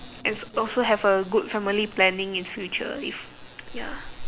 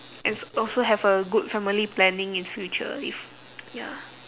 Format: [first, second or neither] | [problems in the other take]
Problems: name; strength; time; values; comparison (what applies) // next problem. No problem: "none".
second | background sound (Wind); 13 dB below the speech